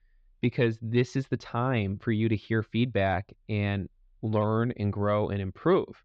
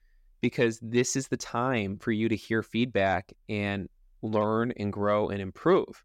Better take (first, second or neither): second